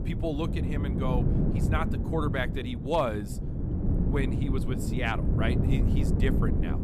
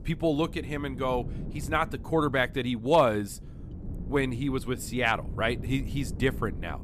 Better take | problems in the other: second | wind noise on the microphone; heavy; 5 dB below the speech; occasional gusts in the second

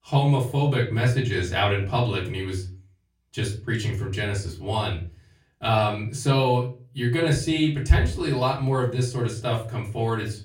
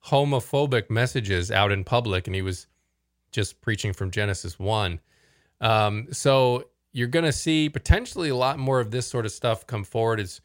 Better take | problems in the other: second | off-mic speech; far // room echo; very slight; dies away in 0.4 s

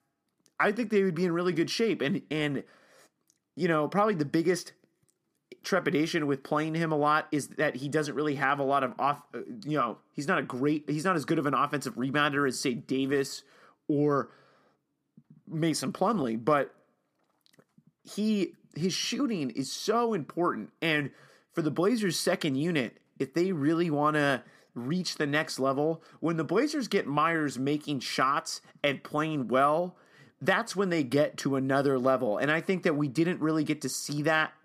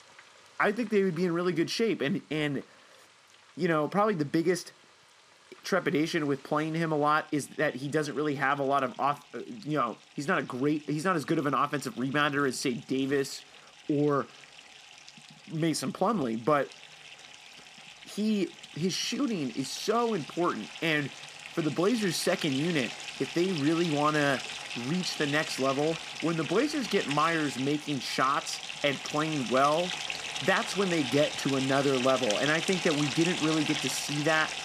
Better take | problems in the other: first | household noises; loud; throughout; 7 dB below the speech

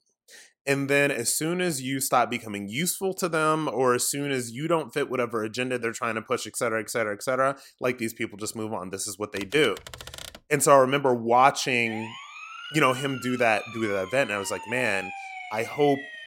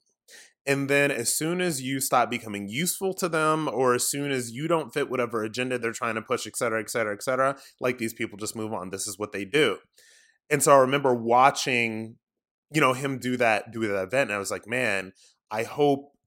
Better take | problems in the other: second | keyboard typing; faint; from 9.5 to 10 s; peak 15 dB below the speech // siren; faint; from 12 s on; peak 10 dB below the speech

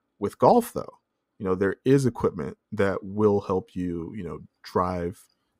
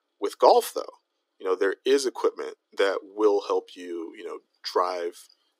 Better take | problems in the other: first | thin; very; fading below 300 Hz

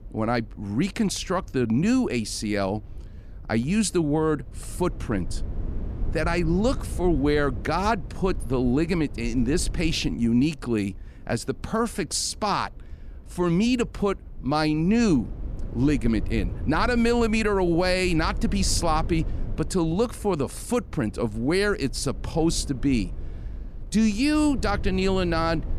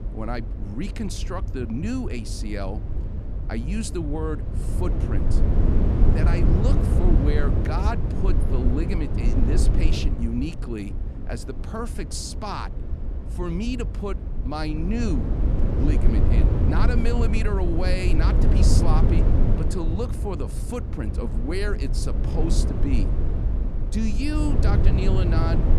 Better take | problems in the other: first | low rumble; loud; throughout; 3 dB below the speech; faint in the first

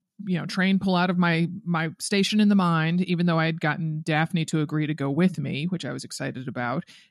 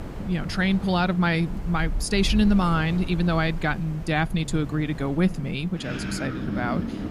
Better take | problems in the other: first | wind in the background; loud; throughout; 9 dB below the speech

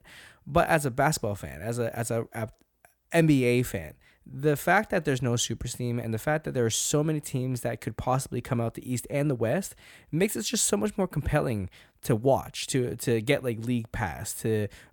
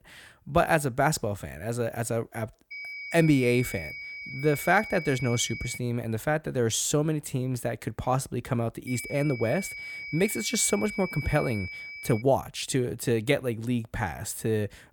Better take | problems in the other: first | high-pitched whine; loud; from 2.5 to 6 s and from 9 to 12 s; 2.5 kHz, 9 dB below the speech

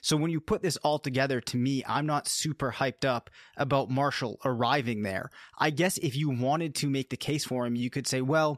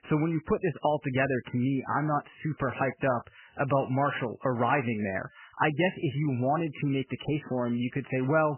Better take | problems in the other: first | garbled, watery; badly; nothing above 3 kHz

